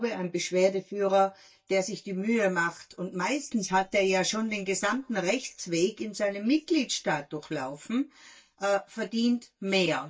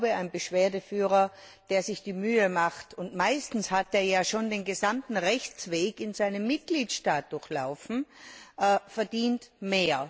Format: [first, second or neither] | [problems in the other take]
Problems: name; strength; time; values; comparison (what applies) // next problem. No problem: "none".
second | noise reduction (neural mask model DeepFilterNet 3)